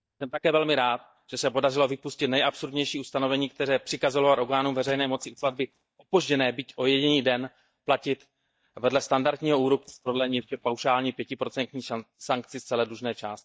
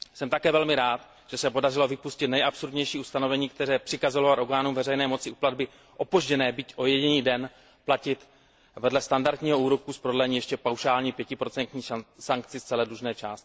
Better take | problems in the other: second | noise reduction (neural mask model DeepFilterNet 3)

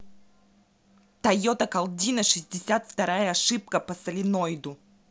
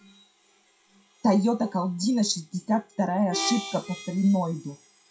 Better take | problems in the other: first | noise reduction (classical method WPE with log-MMSE)

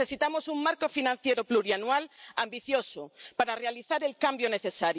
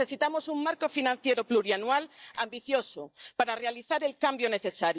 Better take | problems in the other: first | noise reduction (neural mask model DeepFilterNet 3)

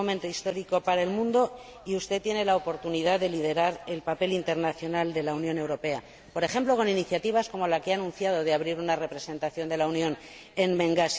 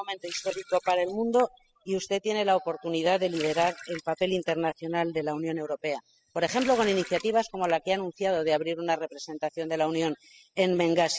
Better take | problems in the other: first | noise reduction (classical method spectral subtraction)

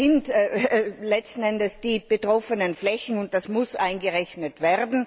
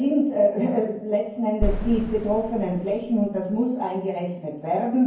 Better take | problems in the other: first | background sound (Boom); 6 dB below the speech // room echo; dies away in 0.9 s

